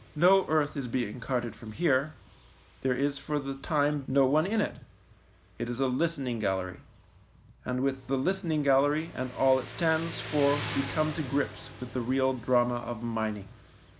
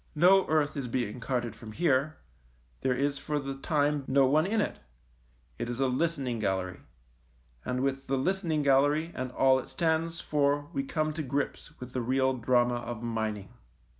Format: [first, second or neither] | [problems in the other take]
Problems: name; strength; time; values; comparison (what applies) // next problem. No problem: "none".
second | background sound (Motorcycle); 16 dB below the speech